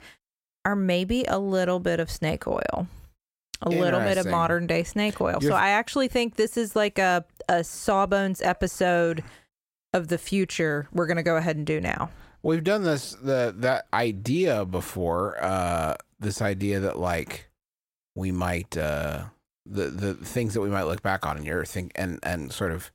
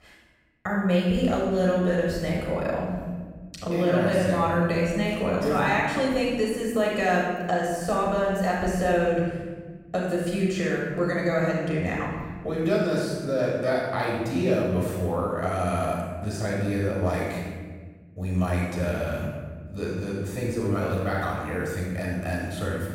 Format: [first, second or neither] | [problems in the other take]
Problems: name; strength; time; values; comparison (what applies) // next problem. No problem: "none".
first | off-mic speech; far // room echo; strong; dies away in 1.5 s